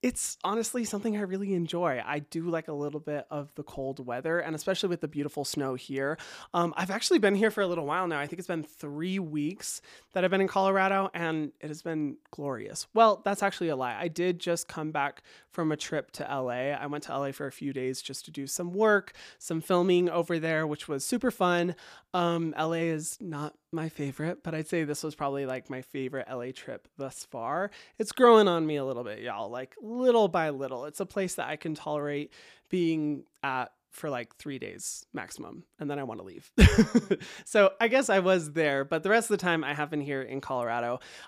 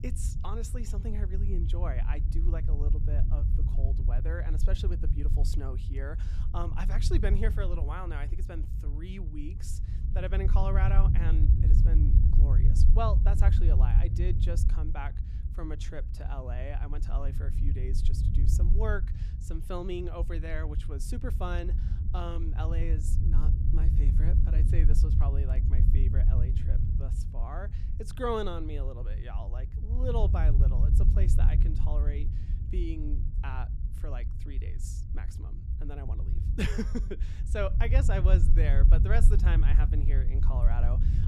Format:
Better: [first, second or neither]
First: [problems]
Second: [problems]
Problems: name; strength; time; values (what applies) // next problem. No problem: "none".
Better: first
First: none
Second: low rumble; loud; throughout; 6 dB below the speech